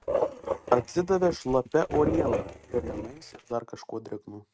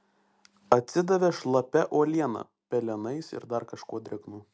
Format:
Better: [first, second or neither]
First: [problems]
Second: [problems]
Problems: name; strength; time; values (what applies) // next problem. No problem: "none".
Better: second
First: noise reduction (neural mask model RNNoise)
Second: none